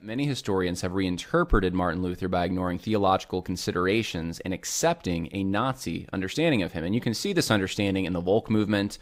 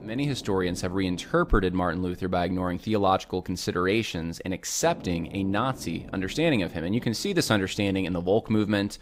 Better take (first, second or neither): first